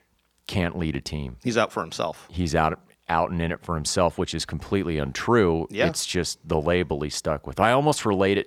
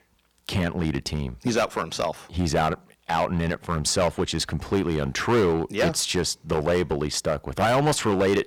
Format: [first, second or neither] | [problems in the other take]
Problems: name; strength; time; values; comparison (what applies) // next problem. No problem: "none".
first | distortion; heavy; 7% of the sound clipped